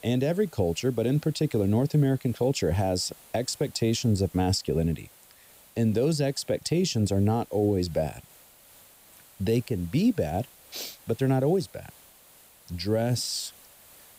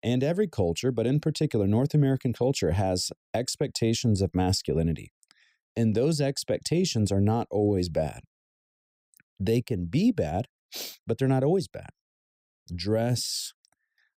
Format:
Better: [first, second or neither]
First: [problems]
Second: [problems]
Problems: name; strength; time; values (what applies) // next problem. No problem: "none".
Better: second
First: hiss; faint; throughout; 25 dB below the speech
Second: none